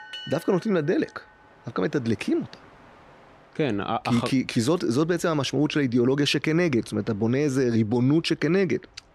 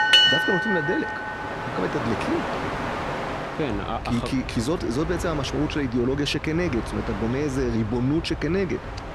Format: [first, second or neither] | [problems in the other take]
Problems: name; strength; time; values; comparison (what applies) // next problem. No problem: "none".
first | train or aircraft noise; loud; throughout; 1 dB below the speech; faint in the first